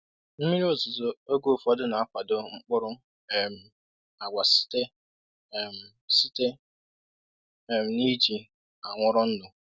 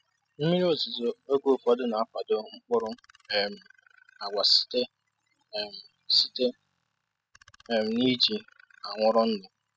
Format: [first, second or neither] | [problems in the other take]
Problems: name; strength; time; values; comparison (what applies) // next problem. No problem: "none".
first | noise reduction (classical method spectral subtraction)